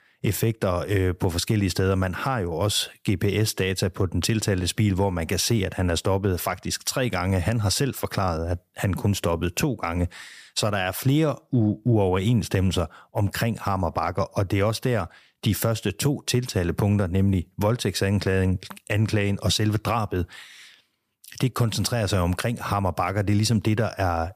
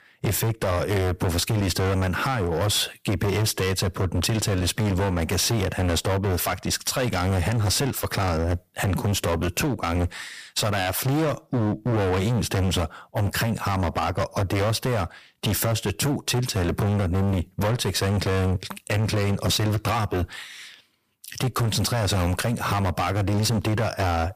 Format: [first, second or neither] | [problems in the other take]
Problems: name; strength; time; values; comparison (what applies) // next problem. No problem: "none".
first | distortion; heavy; 27% of the sound clipped